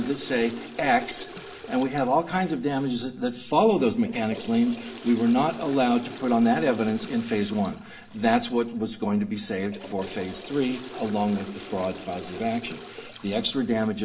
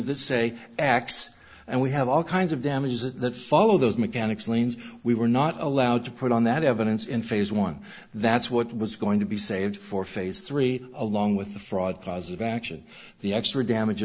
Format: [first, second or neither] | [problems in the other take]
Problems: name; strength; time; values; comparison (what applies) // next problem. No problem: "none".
second | background sound (Toilet flush / Water); 16 dB below the speech // room echo; dies away in 0.7 s